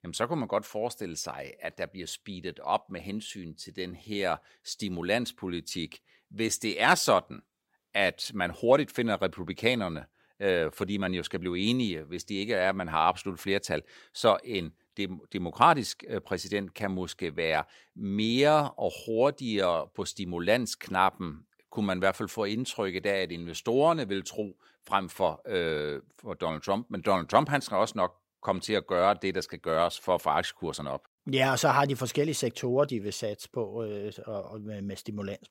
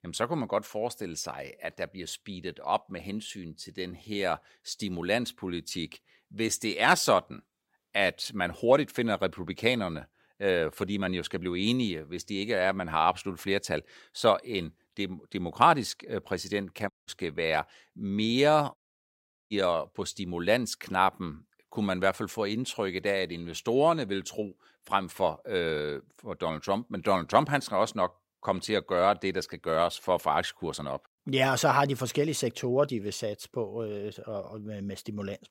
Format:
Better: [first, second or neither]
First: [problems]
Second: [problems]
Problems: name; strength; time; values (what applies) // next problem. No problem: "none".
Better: first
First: none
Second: audio cutting out; at 17 s and at 19 s for 0.5 s